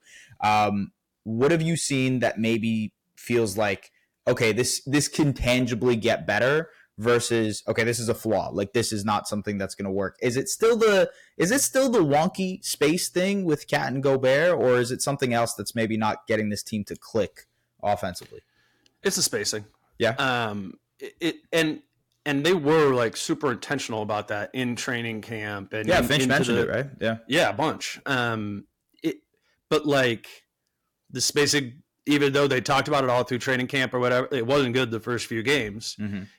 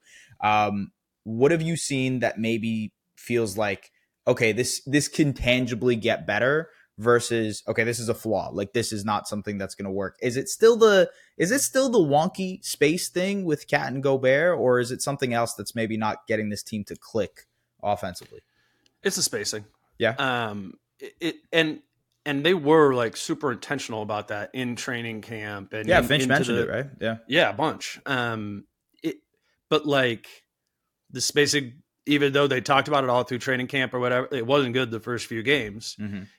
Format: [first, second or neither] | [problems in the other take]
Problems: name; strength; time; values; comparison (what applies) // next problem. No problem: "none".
second | distortion; slight; 5% of the sound clipped